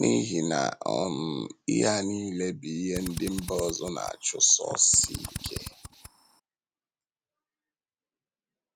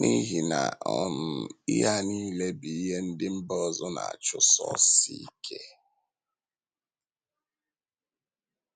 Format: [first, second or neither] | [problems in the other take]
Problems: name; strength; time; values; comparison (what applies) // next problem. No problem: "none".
second | background sound (Drill); 10 dB below the speech